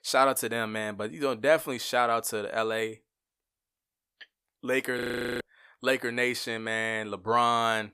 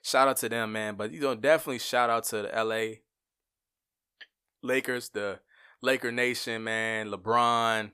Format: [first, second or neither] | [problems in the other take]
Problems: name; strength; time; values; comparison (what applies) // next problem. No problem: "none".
second | audio freezing; at 5 s